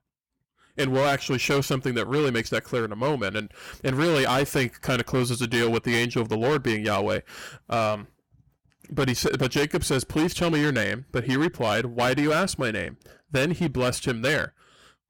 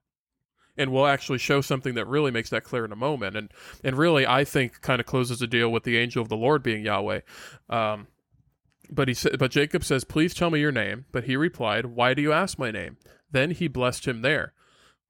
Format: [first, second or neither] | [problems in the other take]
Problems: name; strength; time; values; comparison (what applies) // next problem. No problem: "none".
second | distortion; heavy; 12% of the sound clipped